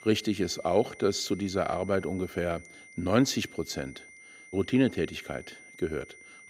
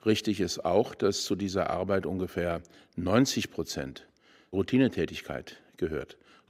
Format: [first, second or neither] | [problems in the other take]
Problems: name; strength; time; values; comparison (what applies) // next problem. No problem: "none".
second | high-pitched whine; noticeable; throughout; 2 kHz, 20 dB below the speech